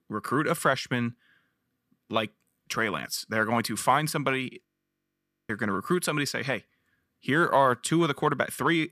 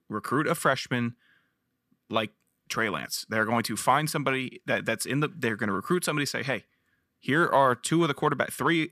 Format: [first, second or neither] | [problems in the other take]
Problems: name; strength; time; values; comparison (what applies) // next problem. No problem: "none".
second | audio freezing; at 4.5 s for 1 s